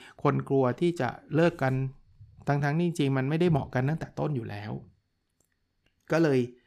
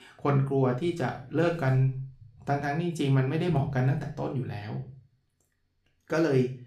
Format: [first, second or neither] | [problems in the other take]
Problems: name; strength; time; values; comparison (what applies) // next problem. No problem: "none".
first | room echo; slight; dies away in 0.4 s // off-mic speech; somewhat distant